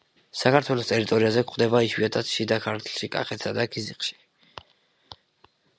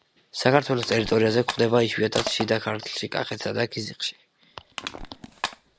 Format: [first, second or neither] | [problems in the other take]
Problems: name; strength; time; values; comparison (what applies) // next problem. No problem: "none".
first | background sound (Crushing); 12 dB below the speech